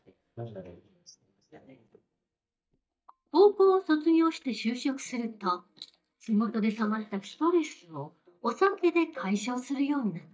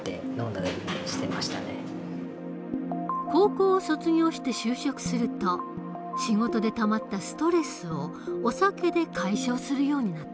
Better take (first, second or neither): second